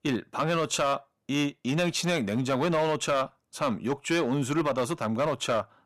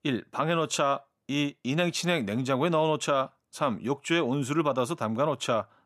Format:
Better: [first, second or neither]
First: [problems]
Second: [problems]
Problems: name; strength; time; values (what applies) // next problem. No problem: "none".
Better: second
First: distortion; slight; 7% of the sound clipped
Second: none